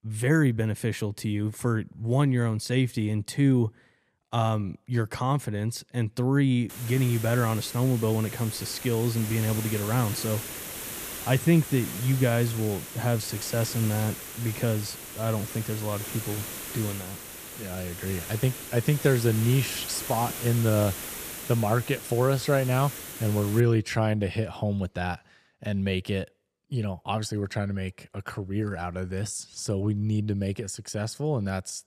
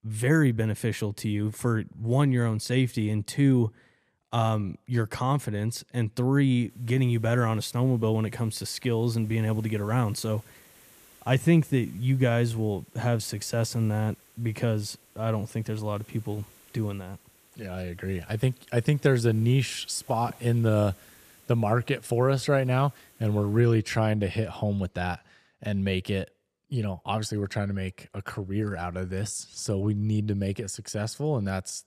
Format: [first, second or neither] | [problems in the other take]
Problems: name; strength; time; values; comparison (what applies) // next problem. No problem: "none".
second | hiss; loud; from 6.5 to 24 s; 8 dB below the speech; faint in the second